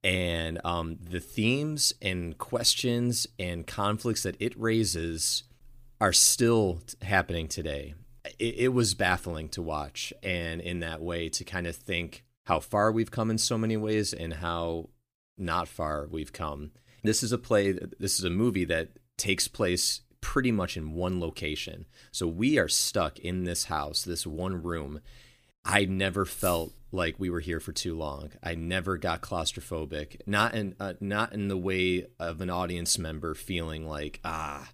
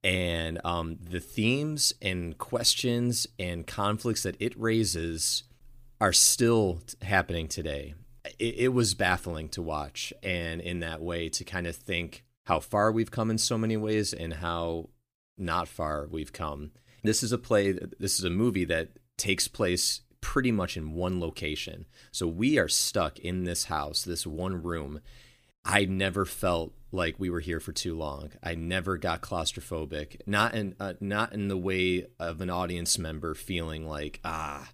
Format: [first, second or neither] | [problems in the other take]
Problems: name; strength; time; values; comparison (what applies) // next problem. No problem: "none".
second | jangling keys; noticeable; at 26 s; peak 7 dB below the speech